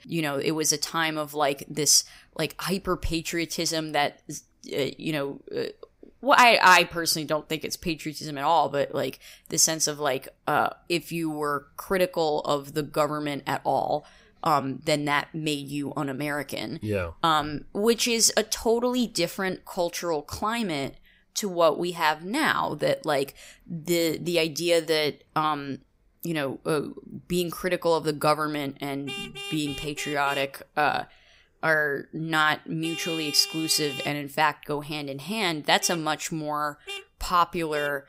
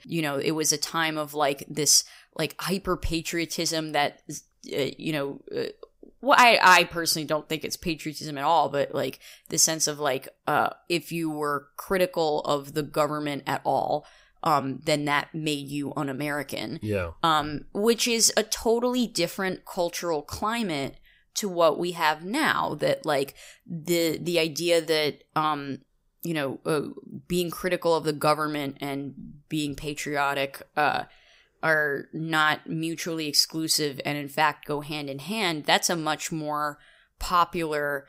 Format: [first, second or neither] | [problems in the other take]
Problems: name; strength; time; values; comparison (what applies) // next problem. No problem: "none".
second | traffic noise; noticeable; throughout; 10 dB below the speech